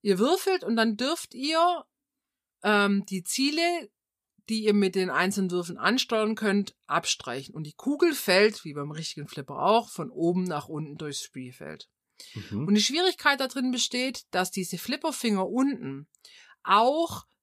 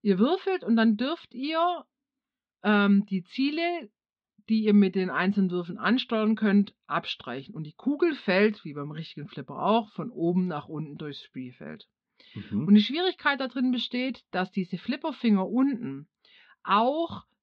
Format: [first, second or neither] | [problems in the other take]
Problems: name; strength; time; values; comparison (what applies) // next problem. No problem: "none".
first | muffled; slightly; fading above 3.5 kHz